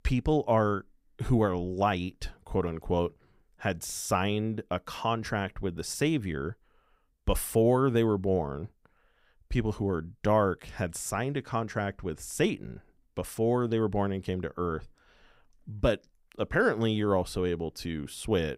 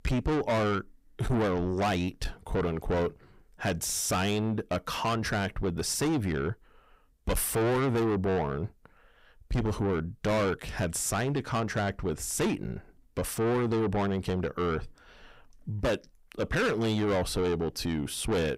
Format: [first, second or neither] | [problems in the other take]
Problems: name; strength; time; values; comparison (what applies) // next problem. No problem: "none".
first | distortion; heavy; 6 dB below the speech